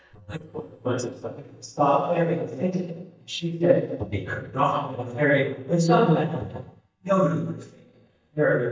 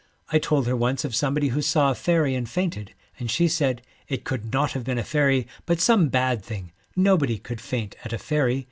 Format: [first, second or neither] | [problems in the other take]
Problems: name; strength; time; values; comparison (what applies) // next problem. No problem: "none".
second | noise reduction (neural mask model DeepFilterNet 3)